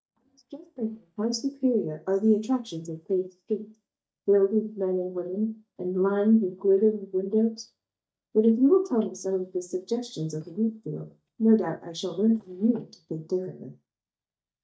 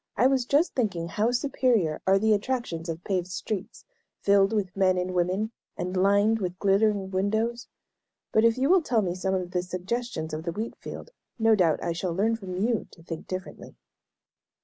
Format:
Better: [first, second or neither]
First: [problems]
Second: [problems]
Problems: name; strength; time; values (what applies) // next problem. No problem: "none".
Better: second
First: noise reduction (neural mask model DeepFilterNet 3)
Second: none